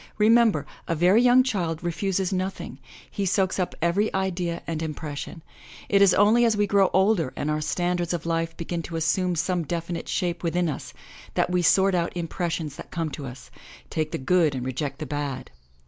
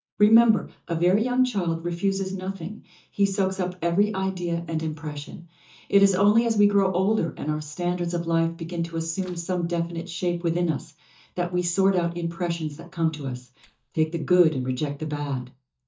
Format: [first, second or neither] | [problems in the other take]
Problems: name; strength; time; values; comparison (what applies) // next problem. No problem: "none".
first | noise reduction (neural mask model DeepFilterNet 3)